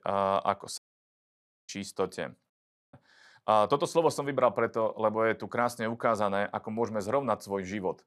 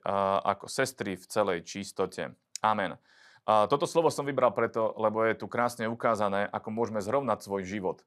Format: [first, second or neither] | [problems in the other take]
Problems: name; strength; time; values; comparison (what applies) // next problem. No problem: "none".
second | audio cutting out; at 1 s for 1 s and at 2.5 s